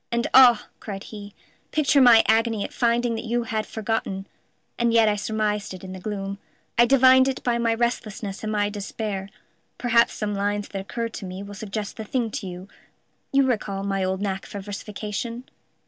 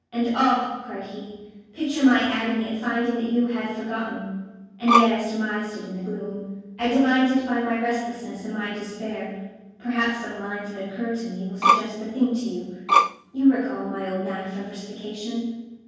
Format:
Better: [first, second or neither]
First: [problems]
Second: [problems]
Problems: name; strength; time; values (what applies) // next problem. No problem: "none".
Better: first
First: none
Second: background sound (Bowed string instrument); 4 dB above the speech // room echo; dies away in 1.3 s